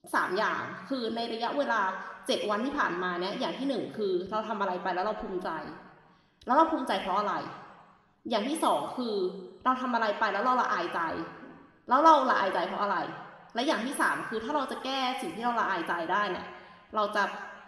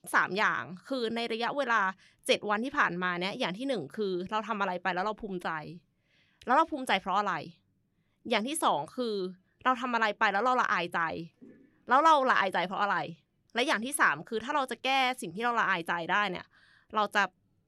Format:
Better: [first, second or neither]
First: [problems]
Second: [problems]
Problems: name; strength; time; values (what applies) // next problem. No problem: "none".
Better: second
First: room echo; noticeable; dies away in 1.2 s // off-mic speech; somewhat distant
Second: none